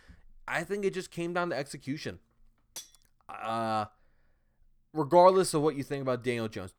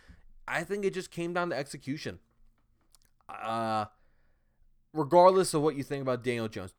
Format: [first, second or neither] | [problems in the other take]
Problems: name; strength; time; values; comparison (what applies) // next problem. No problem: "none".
second | clattering dishes; faint; at 3 s; peak 15 dB below the speech